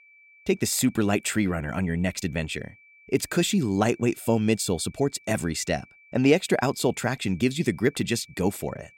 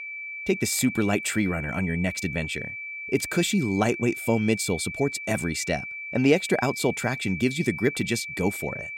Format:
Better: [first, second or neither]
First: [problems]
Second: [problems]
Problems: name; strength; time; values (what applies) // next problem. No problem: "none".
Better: first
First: high-pitched whine; faint; throughout; 2.5 kHz, 25 dB below the speech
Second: high-pitched whine; loud; throughout; 2.5 kHz, 7 dB below the speech